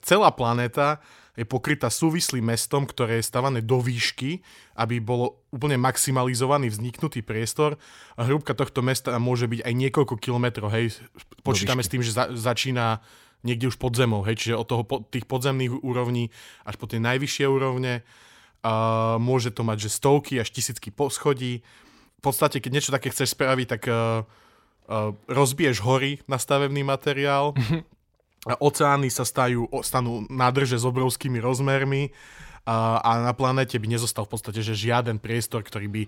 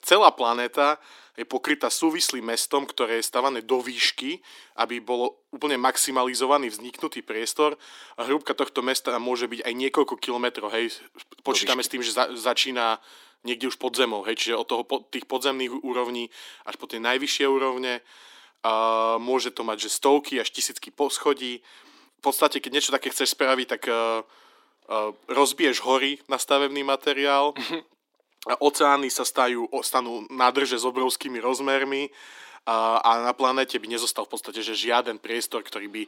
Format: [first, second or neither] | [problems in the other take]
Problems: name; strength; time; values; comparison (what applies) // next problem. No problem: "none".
first | thin; somewhat; fading below 300 Hz